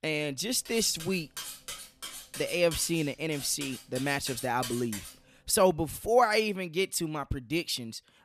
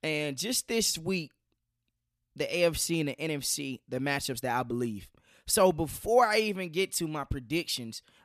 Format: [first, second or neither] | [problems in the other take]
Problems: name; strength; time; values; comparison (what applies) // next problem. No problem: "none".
second | clattering dishes; noticeable; from 0.5 to 5 s; peak 8 dB below the speech